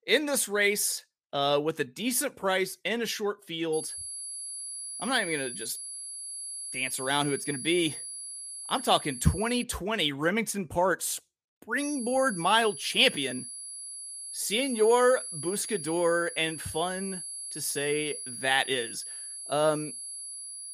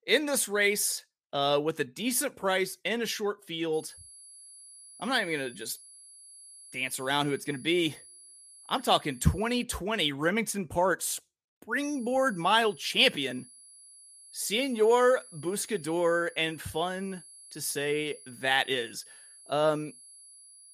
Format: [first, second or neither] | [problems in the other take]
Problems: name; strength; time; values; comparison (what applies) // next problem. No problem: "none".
second | high-pitched whine; loud; from 3.5 to 9.5 s and from 12 s on; 10.5 kHz, 9 dB below the speech; faint in the second